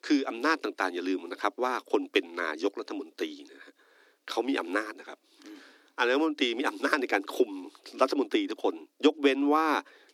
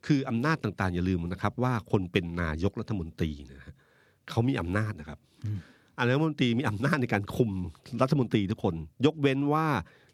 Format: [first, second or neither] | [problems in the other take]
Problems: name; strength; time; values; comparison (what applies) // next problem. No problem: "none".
second | thin; somewhat; fading below 300 Hz